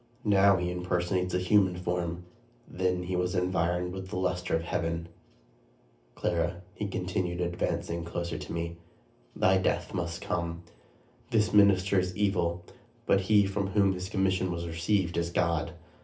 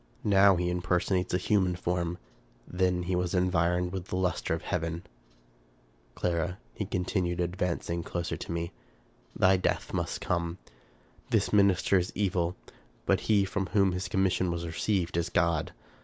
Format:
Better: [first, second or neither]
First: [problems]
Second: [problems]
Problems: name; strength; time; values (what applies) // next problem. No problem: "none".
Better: second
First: room echo; dies away in 0.3 s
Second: none